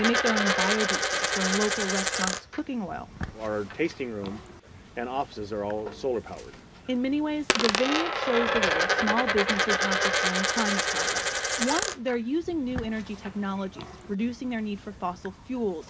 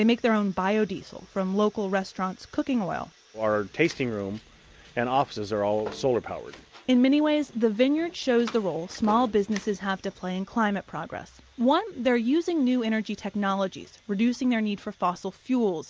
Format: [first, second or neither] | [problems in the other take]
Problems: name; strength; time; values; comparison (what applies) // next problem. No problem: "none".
second | background sound (Coin (dropping)); 1 dB above the speech // room echo; dies away in 0.3 s